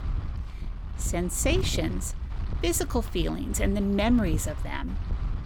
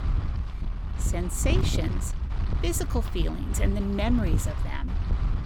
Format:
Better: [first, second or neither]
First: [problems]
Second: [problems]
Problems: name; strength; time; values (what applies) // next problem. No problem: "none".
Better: first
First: wind noise on the microphone; occasional gusts; 15 dB below the speech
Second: wind noise on the microphone; heavy; 7 dB below the speech